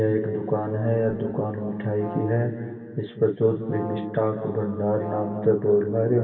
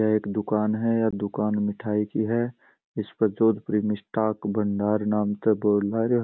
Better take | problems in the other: second | background sound (Brass instrument); 15 dB below the speech // room echo; dies away in 2.7 s

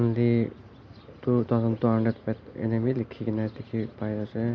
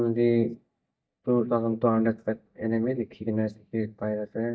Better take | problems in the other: first | noise reduction (neural mask model DeepFilterNet 3)

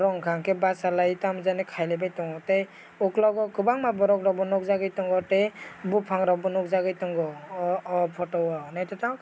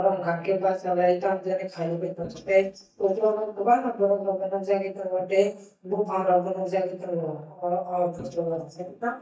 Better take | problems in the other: first | noise reduction (neural mask model DeepFilterNet 3)

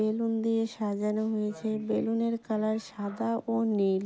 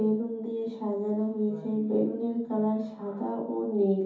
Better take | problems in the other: first | room echo; dies away in 0.6 s

